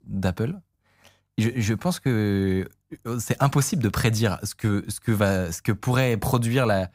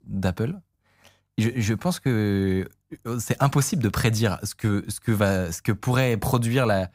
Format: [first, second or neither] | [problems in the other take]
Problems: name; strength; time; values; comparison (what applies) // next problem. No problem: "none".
neither | none